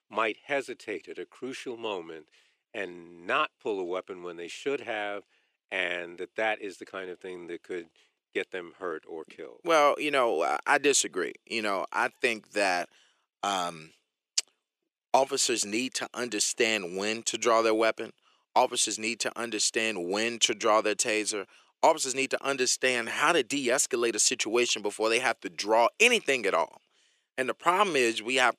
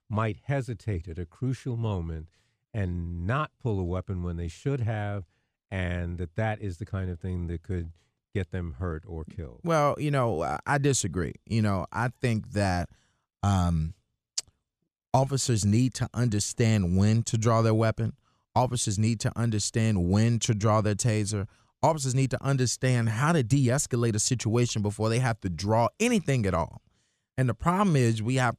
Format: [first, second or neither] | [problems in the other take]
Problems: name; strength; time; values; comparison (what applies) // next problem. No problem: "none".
second | thin; very; fading below 350 Hz